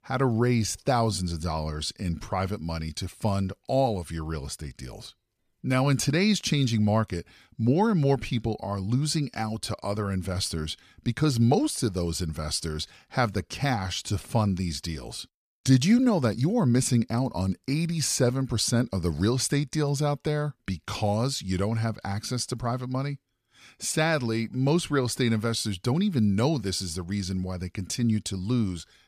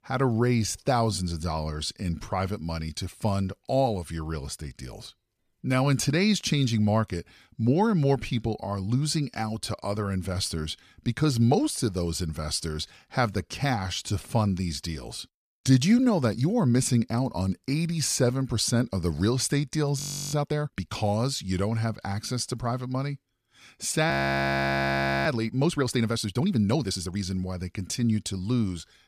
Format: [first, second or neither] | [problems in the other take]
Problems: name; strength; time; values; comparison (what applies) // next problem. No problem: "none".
first | audio freezing; at 20 s and at 24 s for 1 s